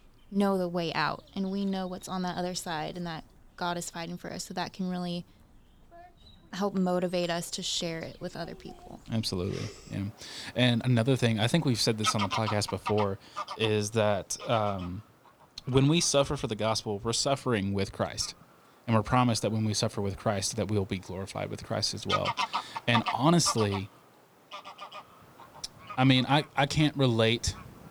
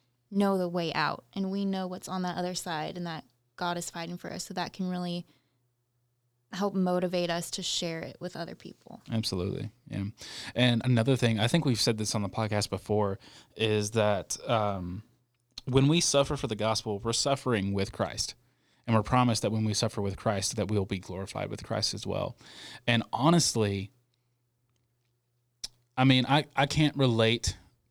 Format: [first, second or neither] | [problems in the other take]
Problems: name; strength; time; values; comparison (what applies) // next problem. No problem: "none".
second | animal sounds; loud; throughout; 8 dB below the speech